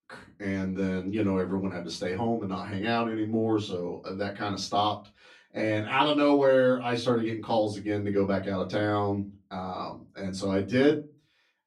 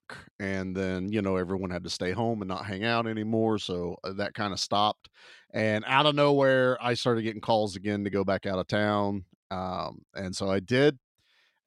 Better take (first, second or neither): second